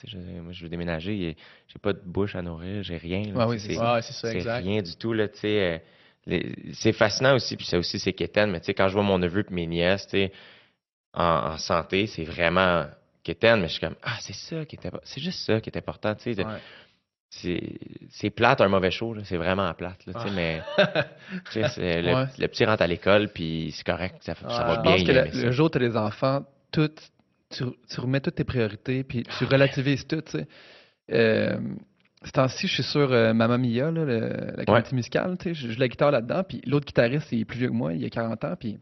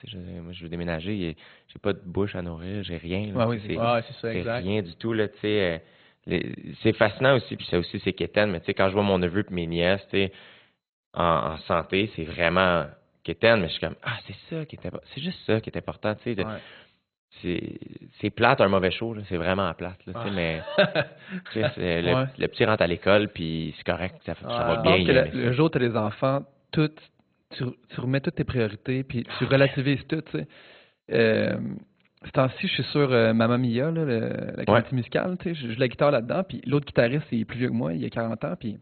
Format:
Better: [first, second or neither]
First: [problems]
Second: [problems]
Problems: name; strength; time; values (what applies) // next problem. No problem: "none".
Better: first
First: garbled, watery; slightly; nothing above 6 kHz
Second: garbled, watery; badly; nothing above 4 kHz